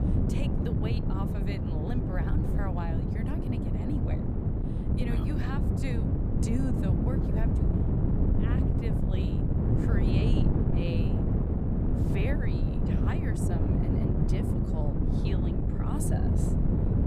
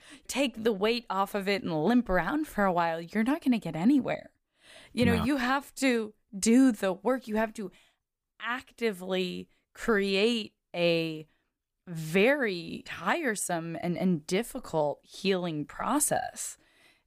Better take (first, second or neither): second